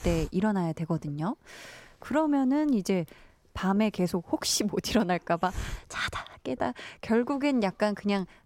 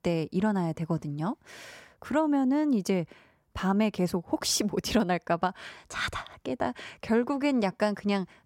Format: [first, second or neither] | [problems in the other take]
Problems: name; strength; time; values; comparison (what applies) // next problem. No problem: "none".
second | hiss; noticeable; throughout; 15 dB below the speech